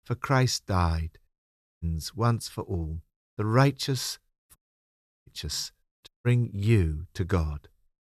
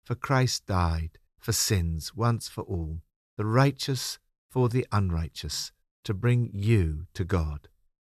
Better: second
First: audio cutting out; at 1.5 s, at 4.5 s for 0.5 s and at 6 s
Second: none

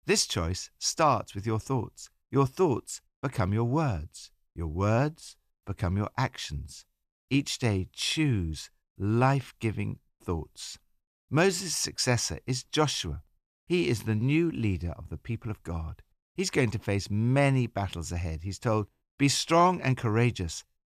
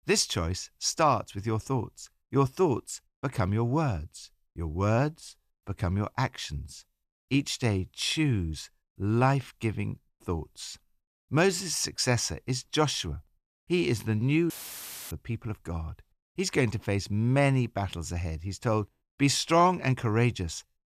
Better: first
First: none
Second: audio cutting out; filled with static; at 15 s for 0.5 s

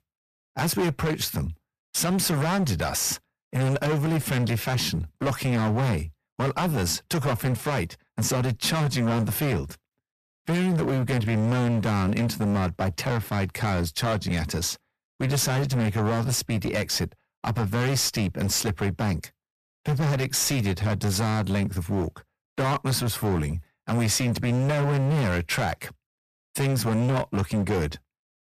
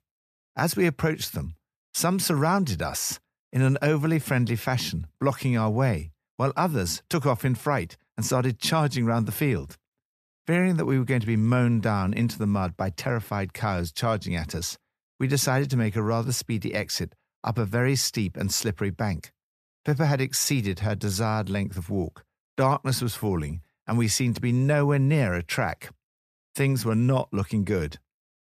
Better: second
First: distortion; heavy; 23% of the sound clipped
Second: none

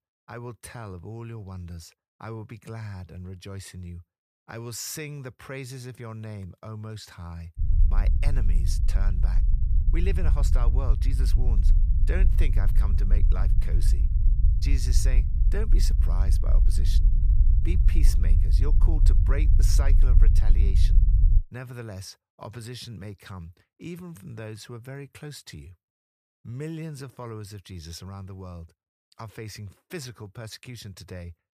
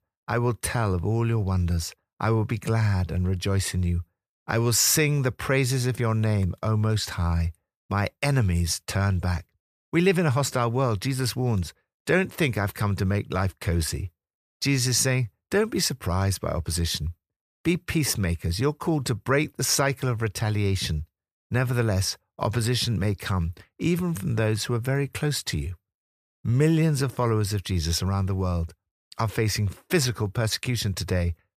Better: second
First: low rumble; loud; from 7.5 to 21 s; 4 dB below the speech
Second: none

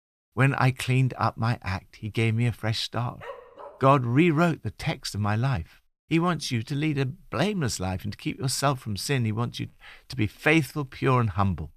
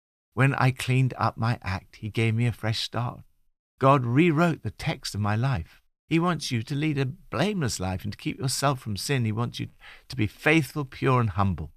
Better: second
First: dog barking; faint; at 3 s; peak 15 dB below the speech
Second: none

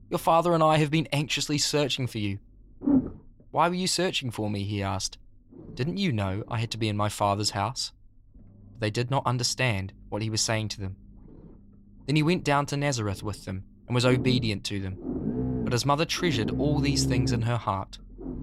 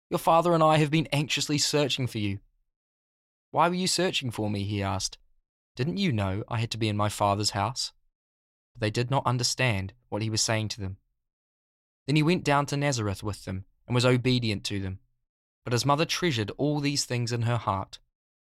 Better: second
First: low rumble; loud; throughout; 8 dB below the speech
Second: none

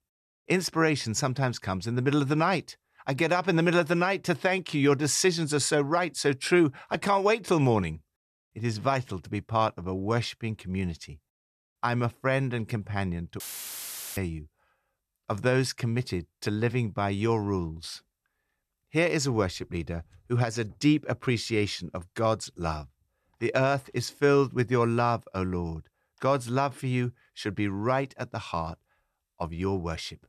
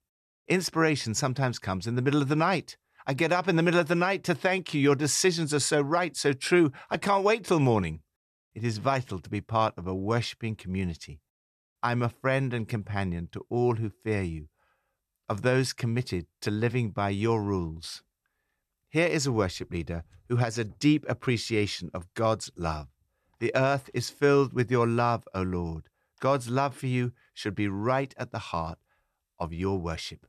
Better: second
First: audio cutting out; filled with static; at 13 s for 1 s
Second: none

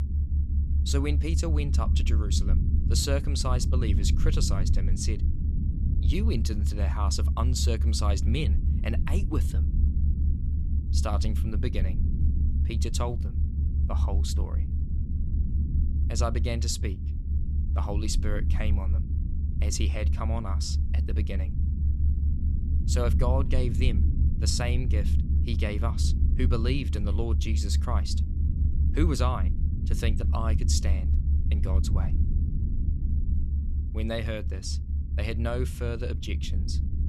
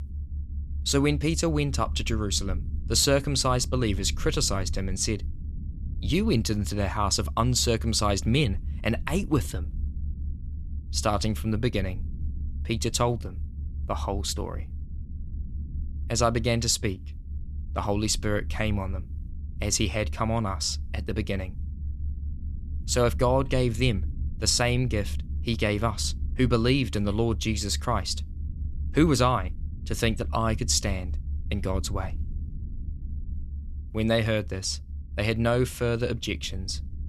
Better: second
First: low rumble; loud; throughout; 8 dB below the speech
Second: low rumble; faint; throughout; 25 dB below the speech

